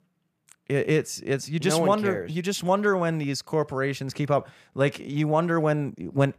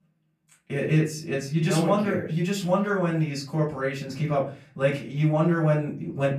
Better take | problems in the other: first | room echo; slight; dies away in 0.3 s // off-mic speech; far

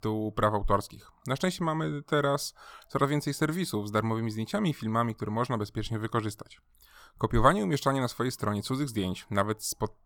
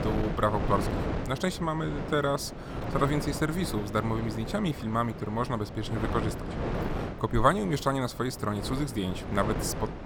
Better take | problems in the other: first | wind noise on the microphone; heavy; 8 dB below the speech

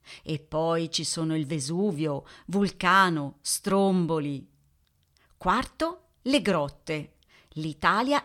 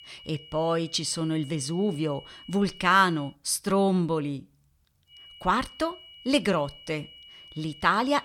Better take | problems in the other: first | high-pitched whine; noticeable; until 3.5 s and from 5 s on; 3 kHz, 20 dB below the speech

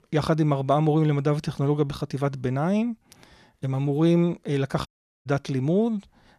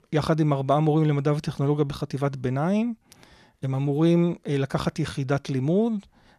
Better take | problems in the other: second | audio cutting out; at 5 s

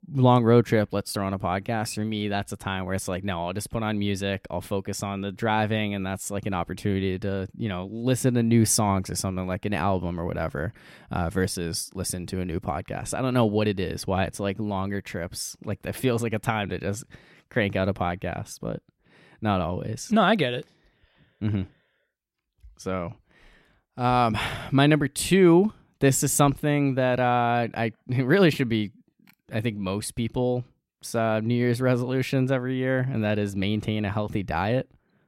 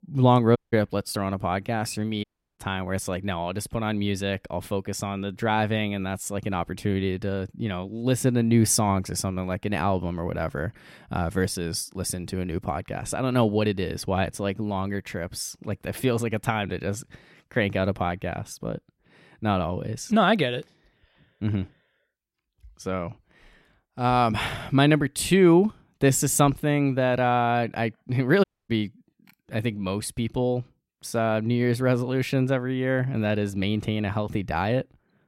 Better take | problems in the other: first | audio cutting out; at 0.5 s, at 2 s and at 28 s

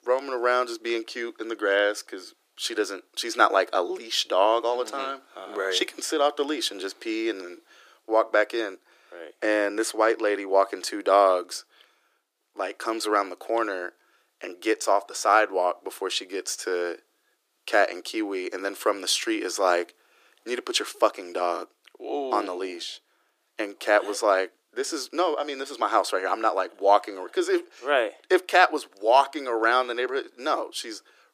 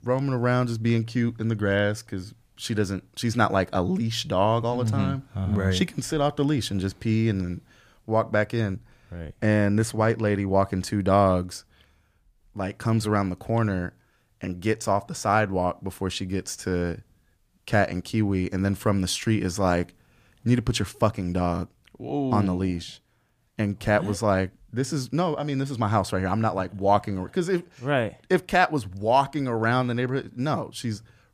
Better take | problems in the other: second | thin; very; fading below 350 Hz

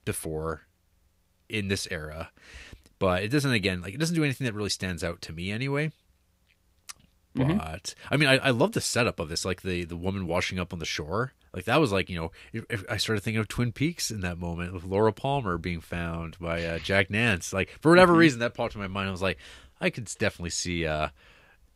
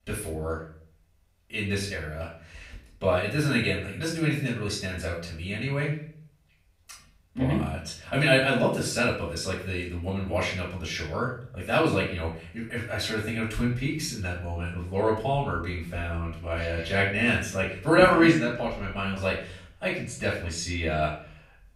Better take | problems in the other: first | off-mic speech; far // room echo; noticeable; dies away in 0.4 s

